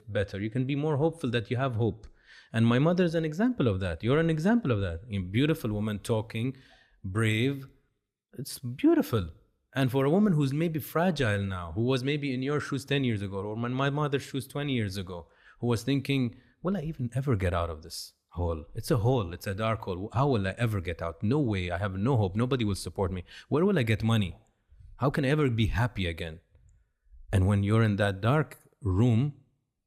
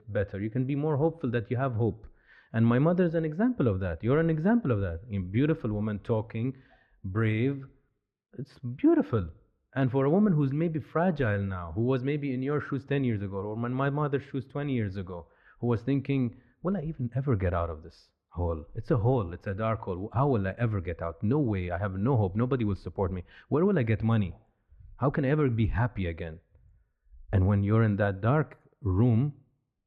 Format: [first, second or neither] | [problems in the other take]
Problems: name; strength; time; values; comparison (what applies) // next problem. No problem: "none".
first | muffled; very; fading above 1.5 kHz